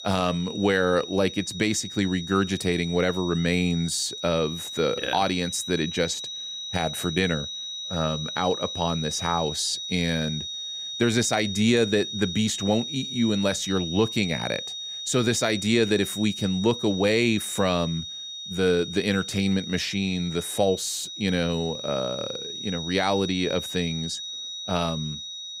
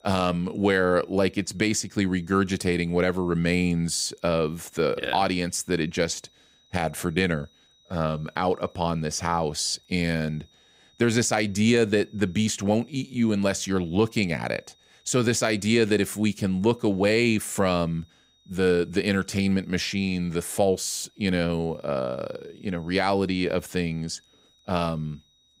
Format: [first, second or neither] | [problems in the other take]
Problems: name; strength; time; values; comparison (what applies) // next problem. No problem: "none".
second | high-pitched whine; loud; throughout; 4 kHz, 7 dB below the speech; faint in the second